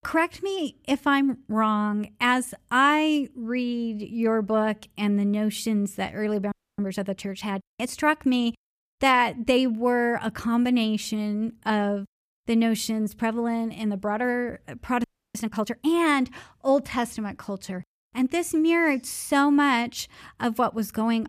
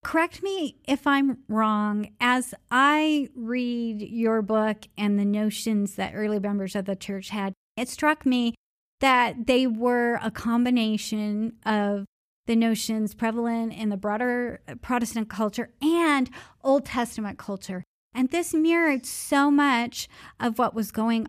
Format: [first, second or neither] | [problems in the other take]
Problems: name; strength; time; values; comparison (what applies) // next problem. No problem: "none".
second | audio freezing; at 6.5 s and at 15 s